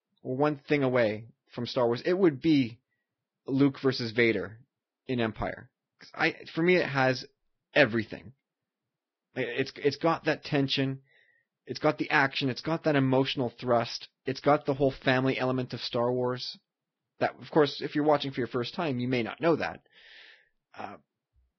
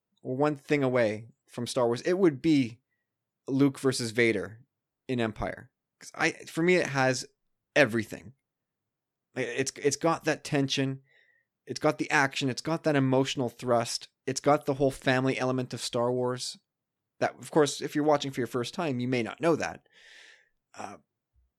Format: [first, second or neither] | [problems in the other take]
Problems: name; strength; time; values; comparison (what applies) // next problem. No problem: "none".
second | garbled, watery; badly; nothing above 5.5 kHz